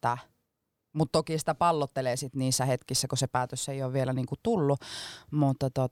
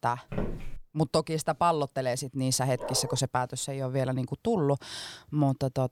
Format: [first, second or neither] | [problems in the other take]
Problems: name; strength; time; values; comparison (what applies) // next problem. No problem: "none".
first | footsteps; noticeable; at 0.5 s; peak 6 dB below the speech // dog barking; noticeable; at 3 s; peak 7 dB below the speech